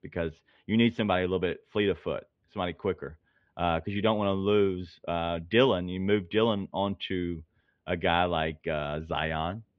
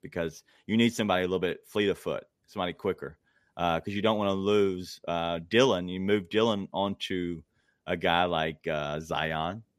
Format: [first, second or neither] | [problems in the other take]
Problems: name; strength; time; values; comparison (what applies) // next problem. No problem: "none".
second | muffled; very; fading above 3 kHz